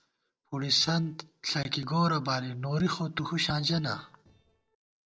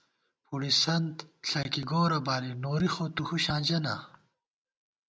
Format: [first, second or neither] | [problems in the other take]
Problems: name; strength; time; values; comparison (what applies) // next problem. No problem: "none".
second | noise reduction (neural separator model SepFormer DNS4)